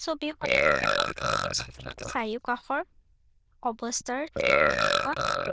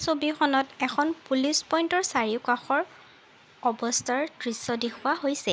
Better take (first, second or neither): second